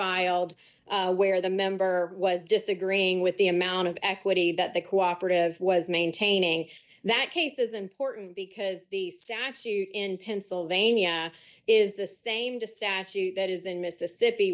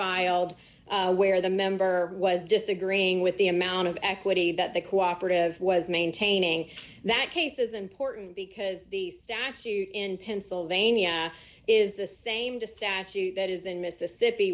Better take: second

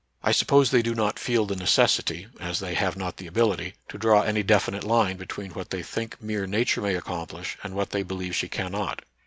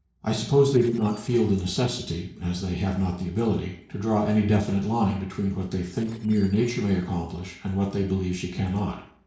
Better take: first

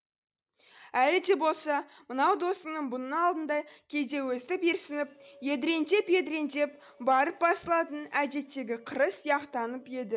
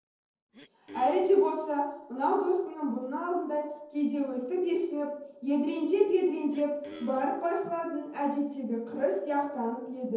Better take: first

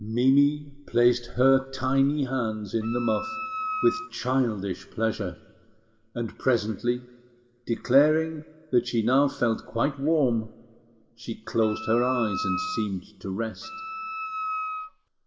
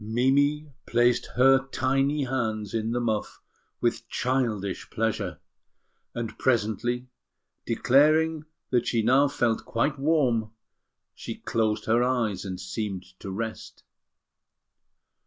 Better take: second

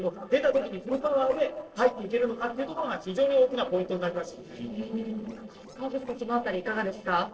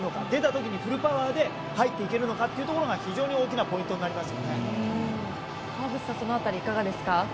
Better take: second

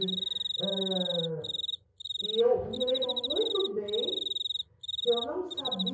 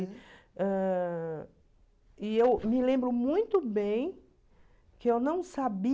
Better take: second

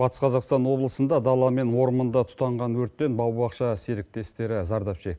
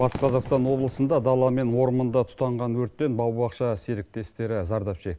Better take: first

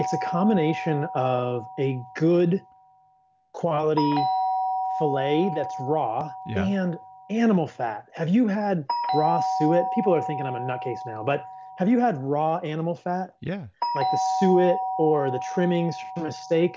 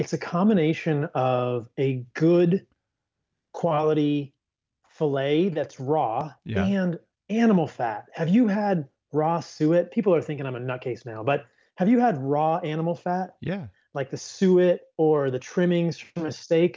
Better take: second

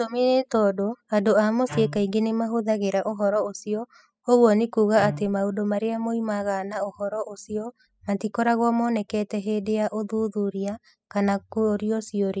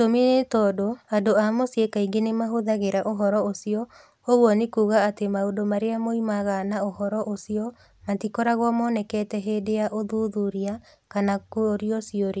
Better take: second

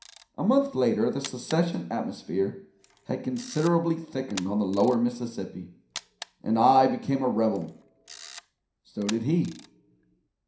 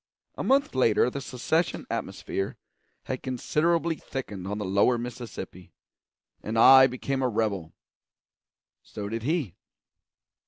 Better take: second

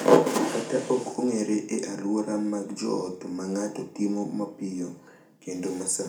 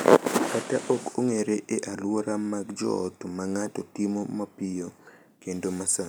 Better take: second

